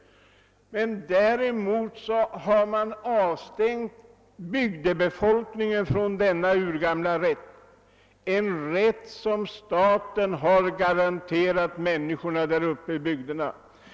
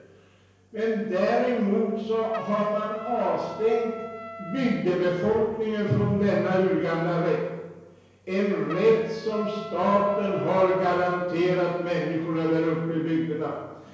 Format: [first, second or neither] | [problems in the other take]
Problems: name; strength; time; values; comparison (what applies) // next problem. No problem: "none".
first | background sound (Trumpet); 18 dB below the speech // room echo; dies away in 1 s